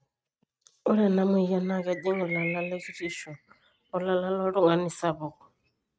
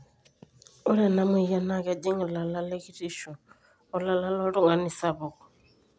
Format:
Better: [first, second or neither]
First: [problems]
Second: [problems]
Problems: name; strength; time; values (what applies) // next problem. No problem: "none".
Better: second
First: noise reduction (neural mask model RNNoise)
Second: none